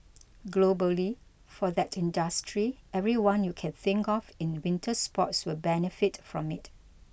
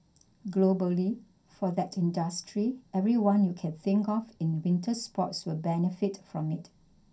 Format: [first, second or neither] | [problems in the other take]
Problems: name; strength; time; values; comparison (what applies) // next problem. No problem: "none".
first | room echo; dies away in 0.3 s